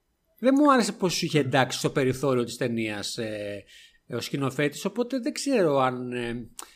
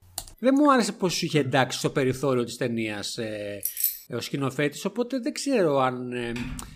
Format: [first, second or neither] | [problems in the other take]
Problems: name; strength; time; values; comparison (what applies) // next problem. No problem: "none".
first | keyboard typing; faint; at the start and at 6.5 s; peak 10 dB below the speech // jangling keys; loud; at 3.5 s; peak level with the speech